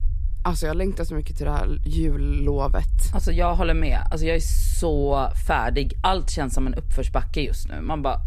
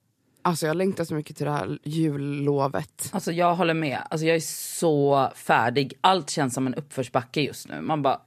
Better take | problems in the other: second | low rumble; faint; throughout; 25 dB below the speech

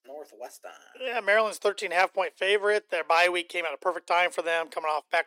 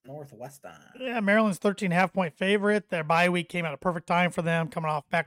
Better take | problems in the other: second | thin; very; fading below 350 Hz

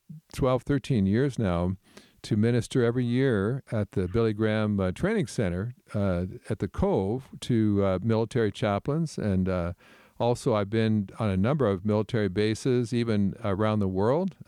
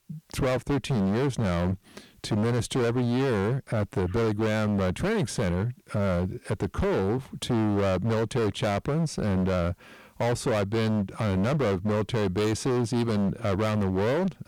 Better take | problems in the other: first | distortion; heavy; 30% of the sound clipped

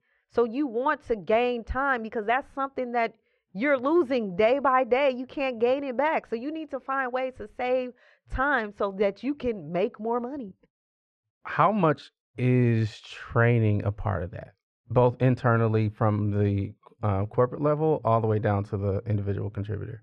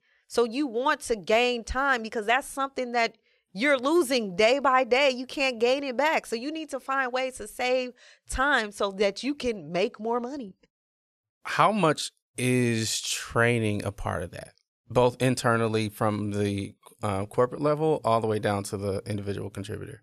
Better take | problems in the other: second | muffled; very; fading above 2 kHz

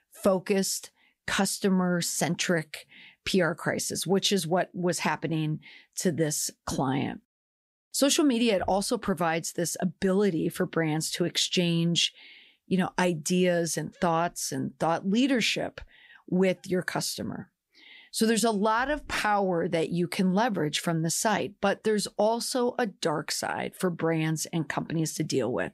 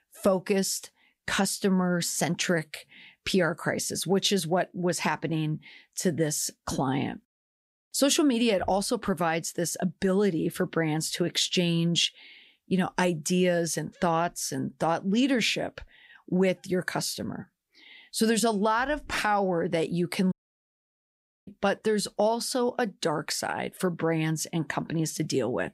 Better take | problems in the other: first | audio cutting out; at 20 s for 1 s

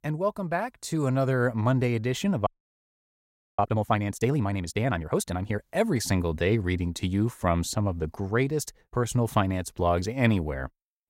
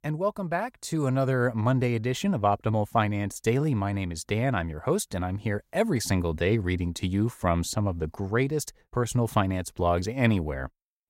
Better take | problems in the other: second | audio freezing; at 2.5 s for 1 s

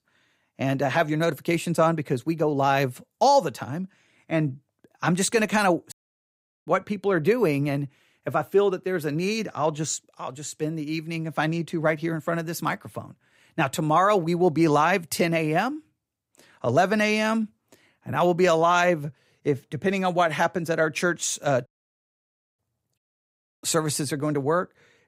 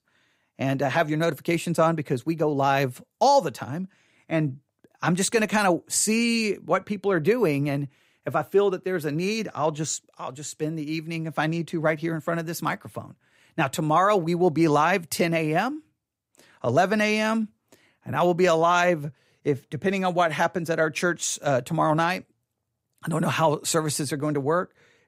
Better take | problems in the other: second | audio cutting out; at 6 s for 1 s, at 22 s for 1 s and at 23 s for 0.5 s

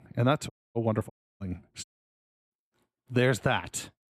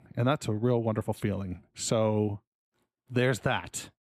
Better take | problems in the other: second | audio cutting out; at 0.5 s, at 1 s and at 2 s for 0.5 s

